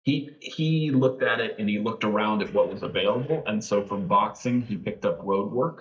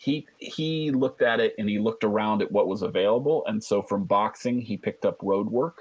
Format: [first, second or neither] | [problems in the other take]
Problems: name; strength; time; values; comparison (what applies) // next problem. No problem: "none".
second | noise reduction (neural mask model DeepFilterNet 3)